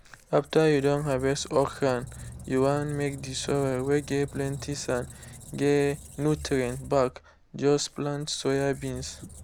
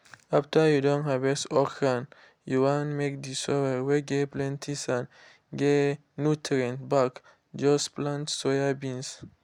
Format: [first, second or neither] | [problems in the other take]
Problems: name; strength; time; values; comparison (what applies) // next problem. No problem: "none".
second | background sound (Squeak); 17 dB below the speech